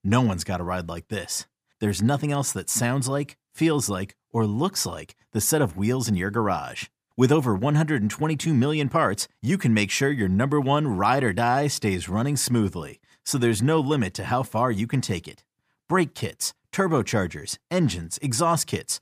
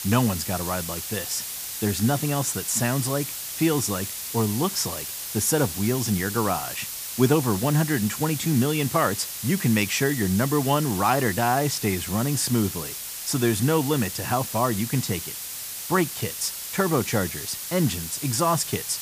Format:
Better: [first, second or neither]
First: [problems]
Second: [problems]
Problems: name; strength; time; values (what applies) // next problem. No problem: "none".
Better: first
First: none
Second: hiss; loud; throughout; 6 dB below the speech